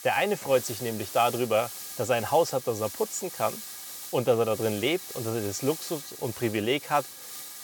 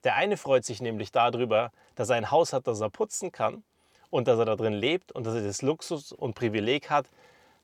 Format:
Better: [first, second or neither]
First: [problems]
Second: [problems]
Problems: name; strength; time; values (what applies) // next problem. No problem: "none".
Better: second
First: hiss; loud; throughout; 10 dB below the speech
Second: none